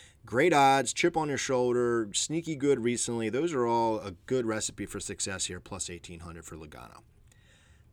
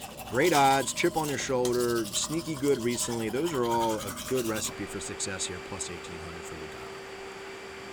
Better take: first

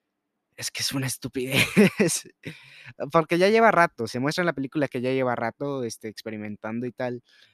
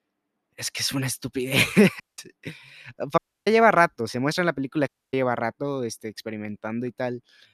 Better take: first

